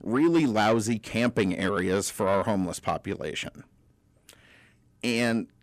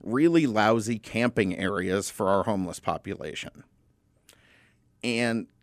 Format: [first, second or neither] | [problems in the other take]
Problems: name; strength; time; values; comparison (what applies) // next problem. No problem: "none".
second | distortion; slight; 10 dB below the speech